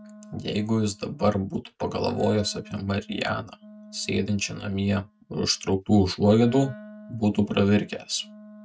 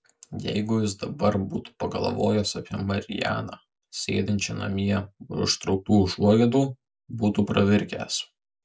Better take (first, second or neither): second